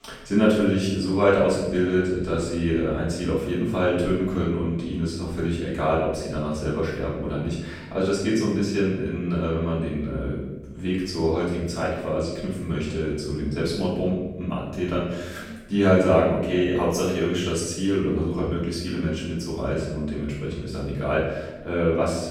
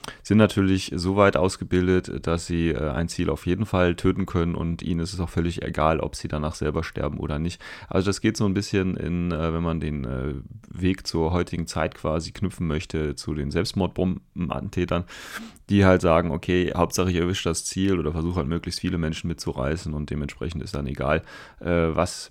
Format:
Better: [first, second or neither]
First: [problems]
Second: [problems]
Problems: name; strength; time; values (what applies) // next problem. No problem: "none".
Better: second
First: off-mic speech; far // room echo; noticeable; dies away in 0.9 s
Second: none